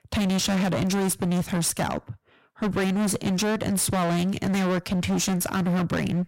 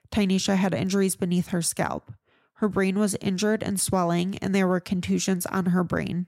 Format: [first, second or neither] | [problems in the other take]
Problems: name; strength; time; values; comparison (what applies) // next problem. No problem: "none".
second | distortion; heavy; 35% of the sound clipped